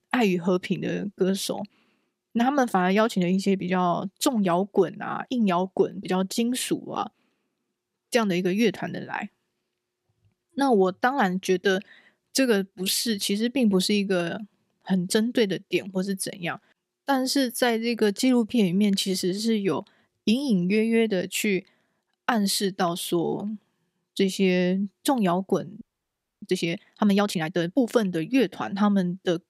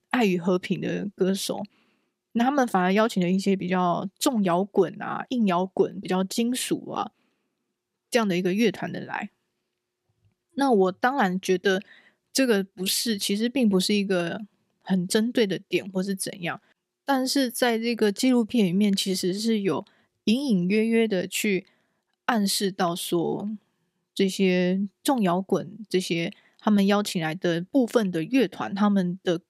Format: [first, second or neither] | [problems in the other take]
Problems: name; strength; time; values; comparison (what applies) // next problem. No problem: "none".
second | audio freezing; at 26 s for 0.5 s